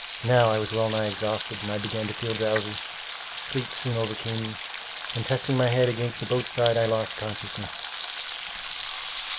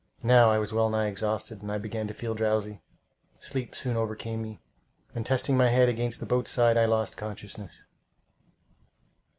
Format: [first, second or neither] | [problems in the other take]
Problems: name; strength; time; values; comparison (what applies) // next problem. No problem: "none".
second | background sound (Frying (food)); 7 dB below the speech